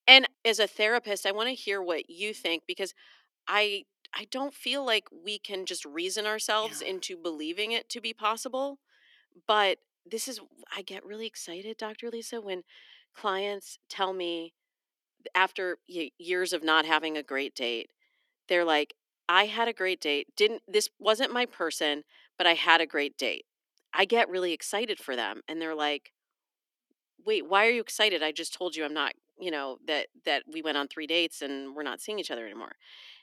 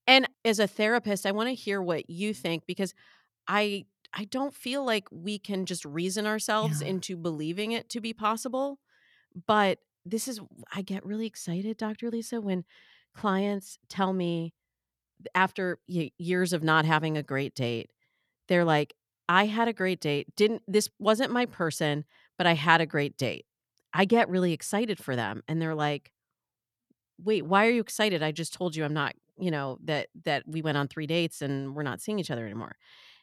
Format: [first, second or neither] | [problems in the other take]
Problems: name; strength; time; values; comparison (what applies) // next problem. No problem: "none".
second | thin; somewhat; fading below 300 Hz